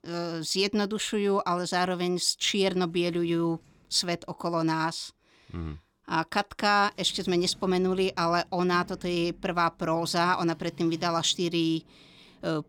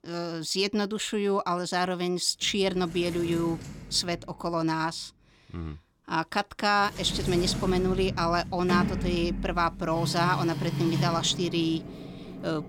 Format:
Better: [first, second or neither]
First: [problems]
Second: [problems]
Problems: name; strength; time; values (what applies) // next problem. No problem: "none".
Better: first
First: household noises; faint; throughout; 25 dB below the speech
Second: household noises; loud; throughout; 6 dB below the speech